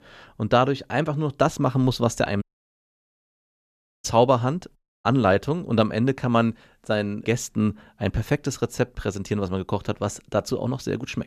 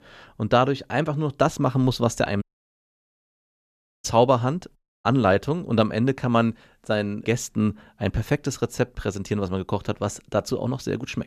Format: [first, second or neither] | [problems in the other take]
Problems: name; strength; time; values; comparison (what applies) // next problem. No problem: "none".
neither | audio cutting out; at 2.5 s for 1.5 s and at 5 s; the same in both